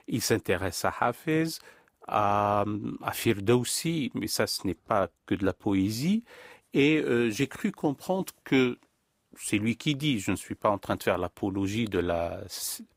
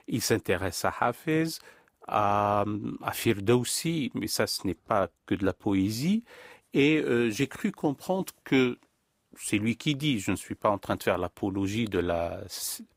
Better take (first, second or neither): neither